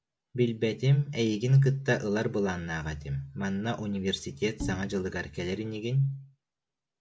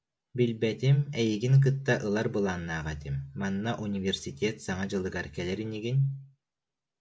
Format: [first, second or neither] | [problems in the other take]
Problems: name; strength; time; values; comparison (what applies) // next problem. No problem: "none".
second | background sound (Bowed string instrument); 11 dB below the speech